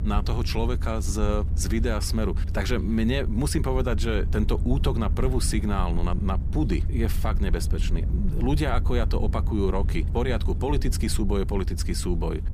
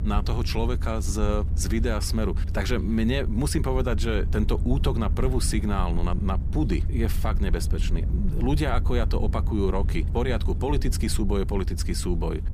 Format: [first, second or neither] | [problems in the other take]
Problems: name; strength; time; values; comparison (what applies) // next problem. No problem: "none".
neither | low rumble; noticeable; throughout; 15 dB below the speech; the same in both